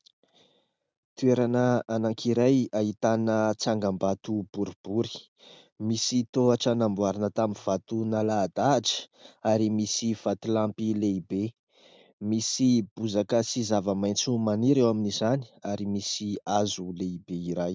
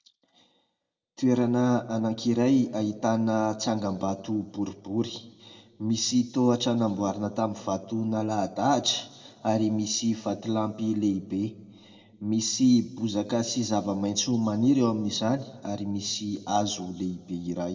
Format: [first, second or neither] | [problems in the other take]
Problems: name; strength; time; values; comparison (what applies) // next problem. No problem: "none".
first | room echo; dies away in 1.3 s